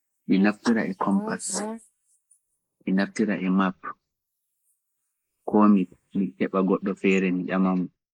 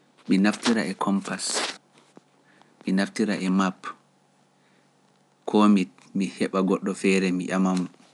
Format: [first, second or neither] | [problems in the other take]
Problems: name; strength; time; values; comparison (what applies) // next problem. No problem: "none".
second | noise reduction (neural mask model Resemble Enhance denoiser)